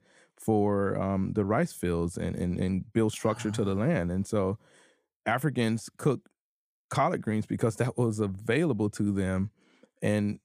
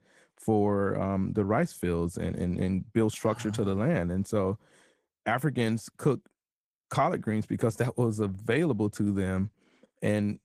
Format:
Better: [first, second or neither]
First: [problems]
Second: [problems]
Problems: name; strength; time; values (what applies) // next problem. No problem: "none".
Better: first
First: none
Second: garbled, watery; slightly; nothing above 15 kHz